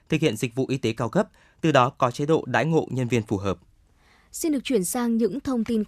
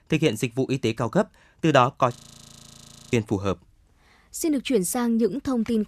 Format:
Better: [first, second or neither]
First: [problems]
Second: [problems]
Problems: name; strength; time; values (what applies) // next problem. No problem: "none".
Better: first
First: none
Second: audio freezing; at 2 s for 1 s